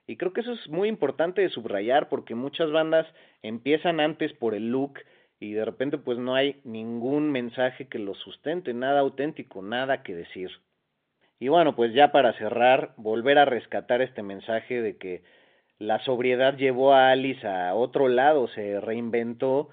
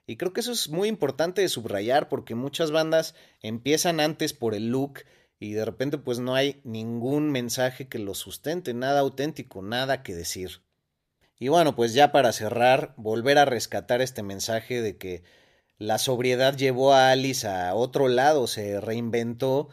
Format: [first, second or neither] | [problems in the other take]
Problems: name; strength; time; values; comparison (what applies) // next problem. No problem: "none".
second | phone-call audio